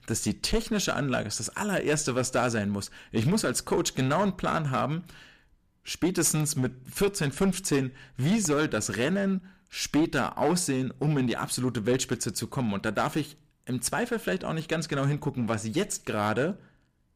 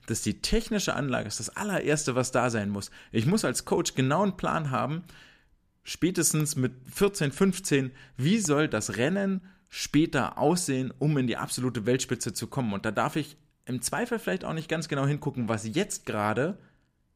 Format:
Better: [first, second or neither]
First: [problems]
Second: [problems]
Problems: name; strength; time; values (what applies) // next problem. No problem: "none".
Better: second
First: distortion; slight; 5% of the sound clipped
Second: none